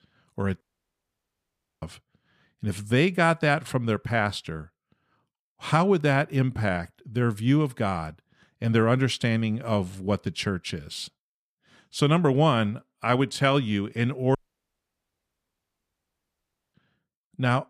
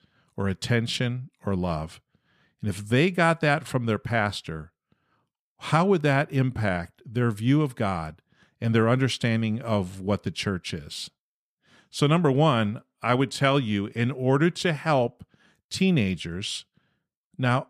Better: second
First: audio cutting out; at 0.5 s for 1 s and at 14 s for 2.5 s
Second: none

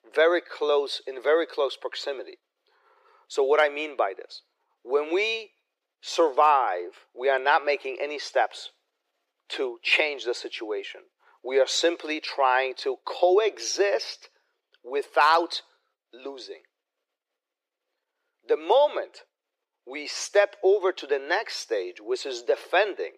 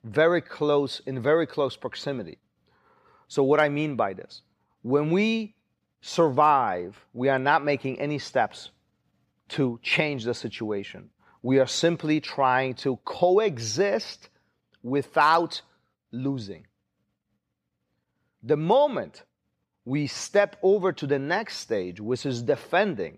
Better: second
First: thin; very; fading below 350 Hz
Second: none

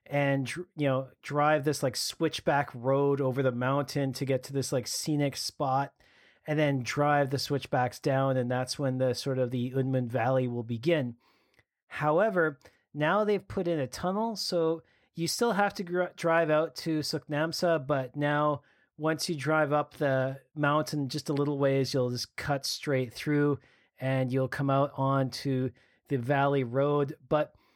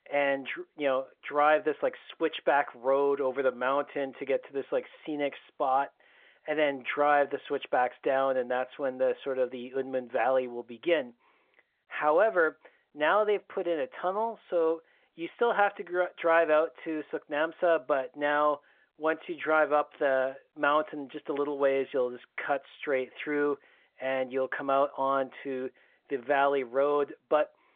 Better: first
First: none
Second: phone-call audio; nothing above 3.5 kHz

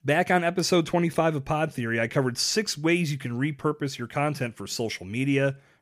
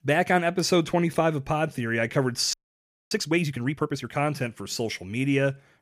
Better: first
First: none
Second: audio freezing; at 2.5 s for 0.5 s

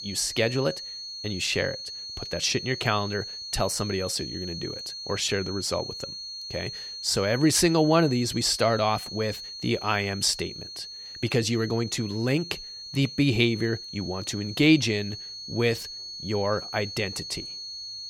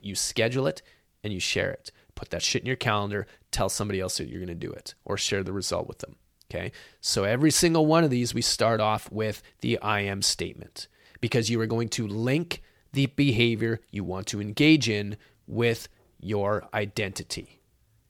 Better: second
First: high-pitched whine; loud; throughout; 4.5 kHz, 9 dB below the speech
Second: none

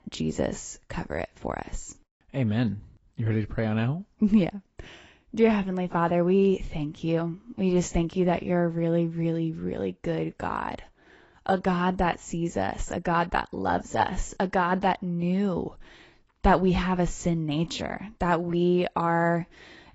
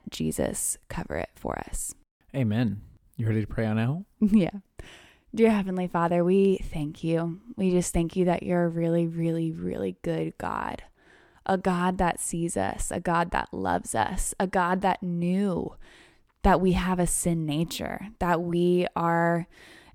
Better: second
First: garbled, watery; badly; nothing above 7.5 kHz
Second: none

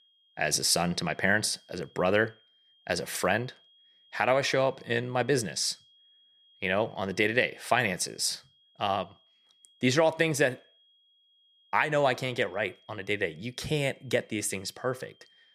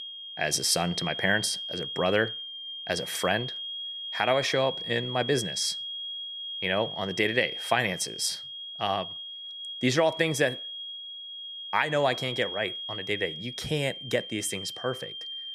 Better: first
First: high-pitched whine; faint; throughout; 3.5 kHz, 30 dB below the speech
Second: high-pitched whine; loud; throughout; 3.5 kHz, 7 dB below the speech

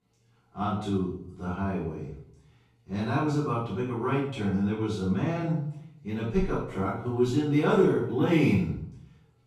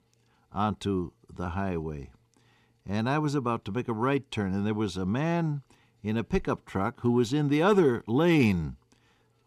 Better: second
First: off-mic speech; far // room echo; noticeable; dies away in 0.5 s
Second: none

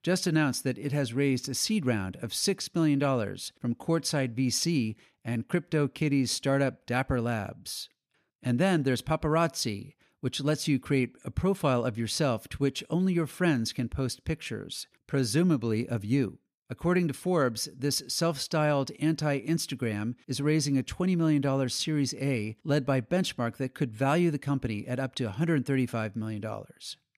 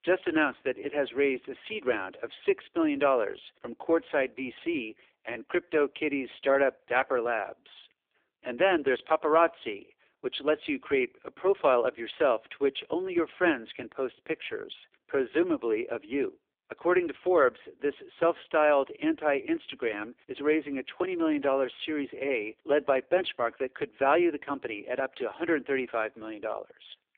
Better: first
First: none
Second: phone-call audio; poor line; nothing above 3.5 kHz

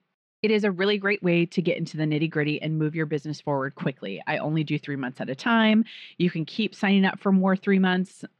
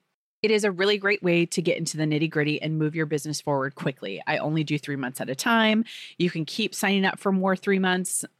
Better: second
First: muffled; very slightly; fading above 4 kHz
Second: none

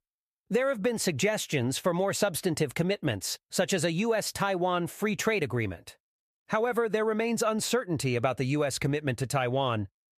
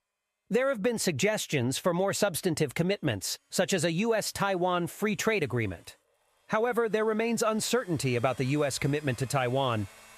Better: first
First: none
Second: household noises; faint; throughout; 25 dB below the speech

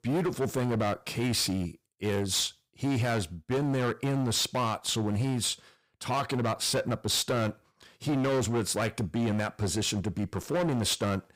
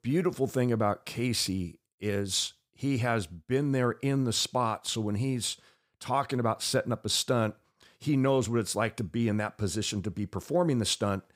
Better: second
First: distortion; heavy; 18% of the sound clipped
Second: none

